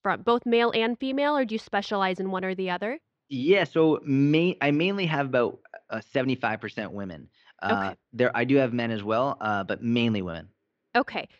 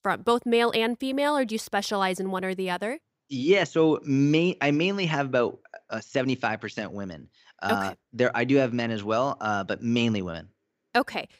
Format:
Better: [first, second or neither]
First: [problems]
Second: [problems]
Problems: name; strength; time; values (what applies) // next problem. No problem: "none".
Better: second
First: muffled; very slightly; fading above 4 kHz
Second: none